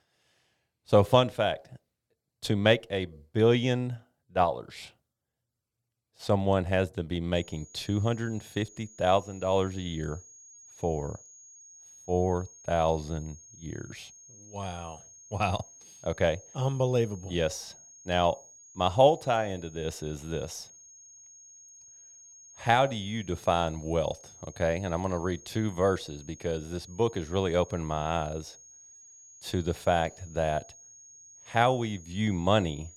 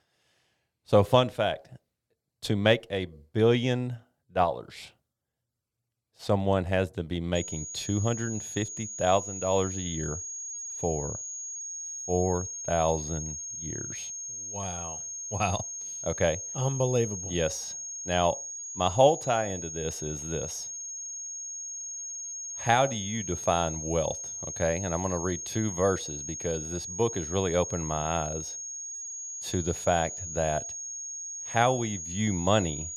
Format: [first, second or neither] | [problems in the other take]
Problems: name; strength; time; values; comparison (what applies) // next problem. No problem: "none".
first | high-pitched whine; loud; from 7.5 s on; 6.5 kHz, 6 dB below the speech; faint in the first